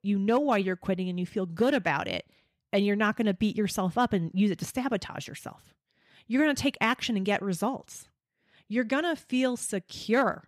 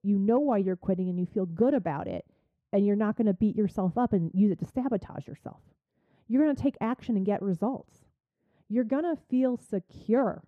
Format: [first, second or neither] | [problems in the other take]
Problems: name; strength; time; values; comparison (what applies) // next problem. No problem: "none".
first | muffled; very; fading above 1.5 kHz